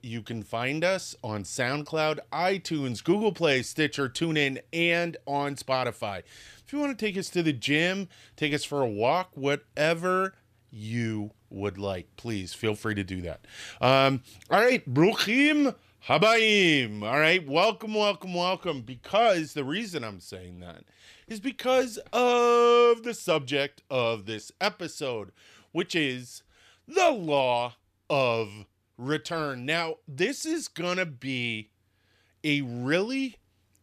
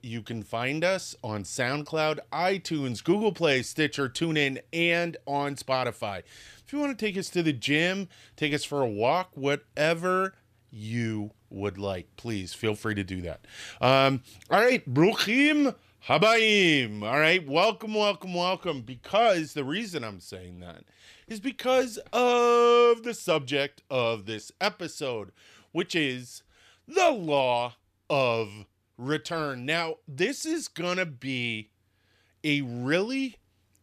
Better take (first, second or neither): neither